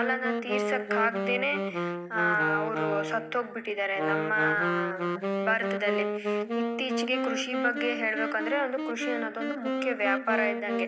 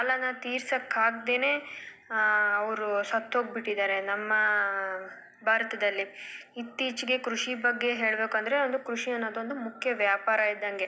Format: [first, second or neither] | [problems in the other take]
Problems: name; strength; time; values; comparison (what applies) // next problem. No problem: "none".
second | background sound (Wind instrument, woodwind instrument); 1 dB below the speech